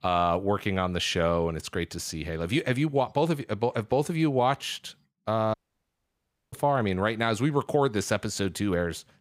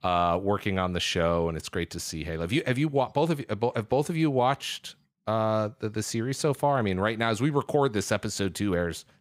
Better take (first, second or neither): second